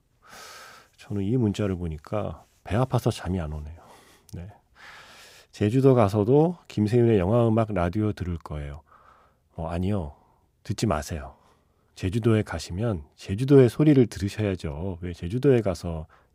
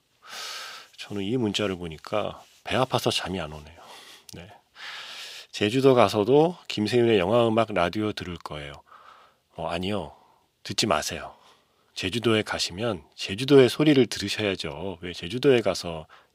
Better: first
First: none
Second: thin; very slightly; fading below 900 Hz

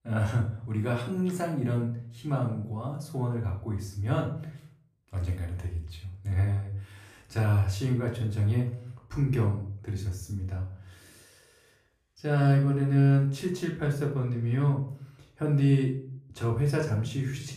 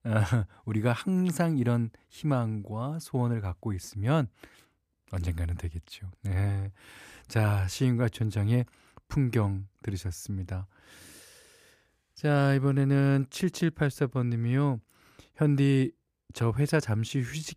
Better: second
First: room echo; noticeable; dies away in 0.4 s // off-mic speech; far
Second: none

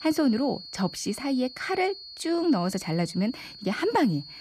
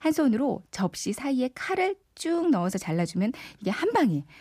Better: second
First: high-pitched whine; noticeable; throughout; 4.5 kHz, 15 dB below the speech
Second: none

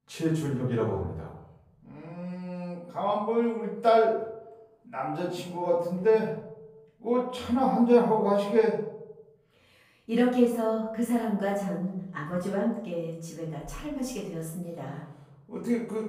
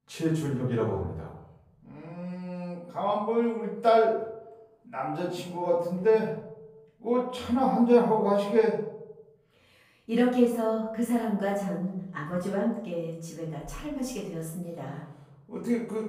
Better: neither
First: off-mic speech; far // room echo; noticeable; dies away in 0.7 s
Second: off-mic speech; far // room echo; noticeable; dies away in 0.7 s

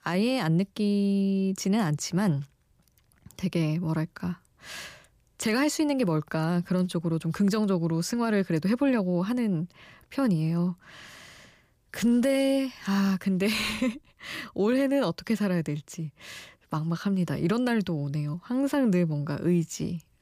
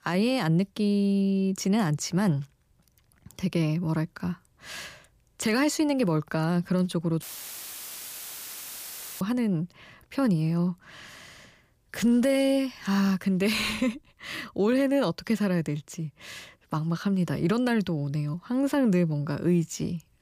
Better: first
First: none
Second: audio cutting out; filled with static; at 7 s for 2 s

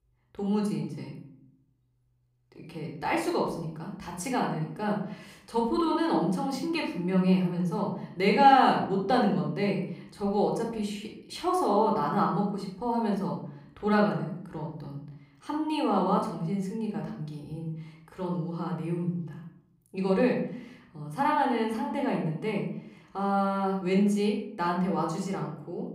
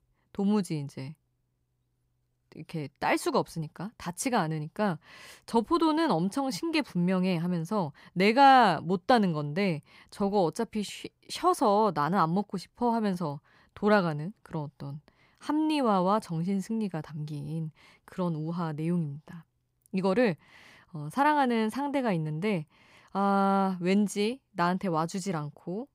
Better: second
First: off-mic speech; somewhat distant // room echo; noticeable; dies away in 0.6 s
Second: none

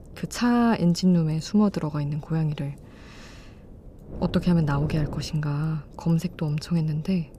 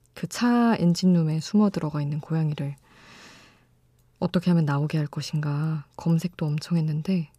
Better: second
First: wind noise on the microphone; occasional gusts; 15 dB below the speech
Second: none

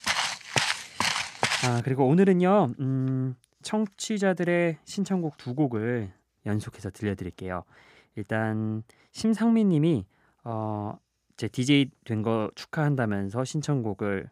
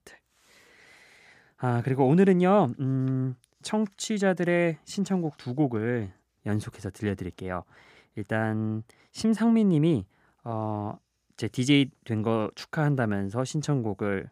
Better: second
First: footsteps; loud; until 1.5 s; peak 1 dB above the speech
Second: none

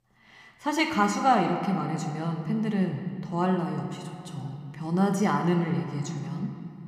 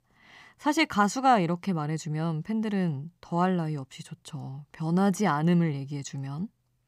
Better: second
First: room echo; slight; dies away in 2.1 s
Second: none

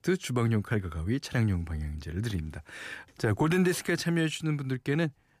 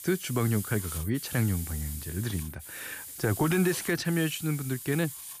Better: first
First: none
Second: hiss; loud; throughout; 9 dB below the speech

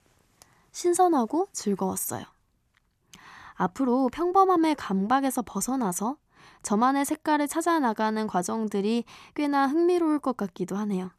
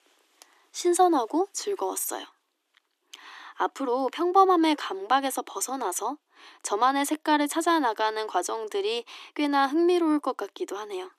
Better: first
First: none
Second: thin; very slightly; fading below 300 Hz

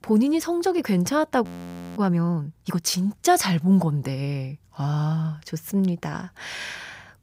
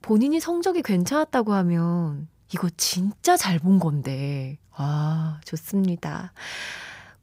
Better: second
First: audio freezing; at 1.5 s for 0.5 s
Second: none

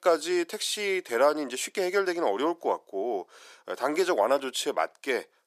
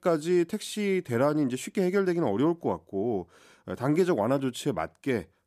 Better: second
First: thin; very; fading below 450 Hz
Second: none

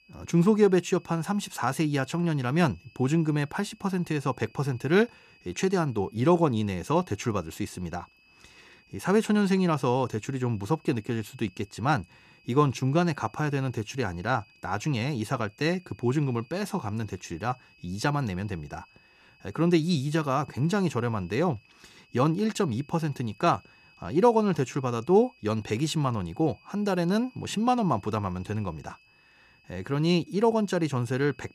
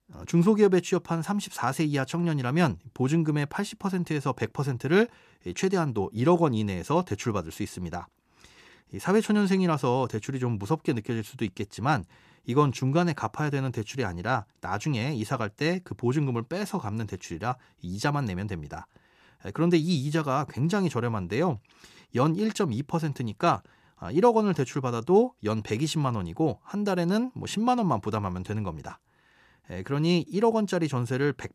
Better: second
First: high-pitched whine; faint; throughout; 2.5 kHz, 30 dB below the speech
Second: none

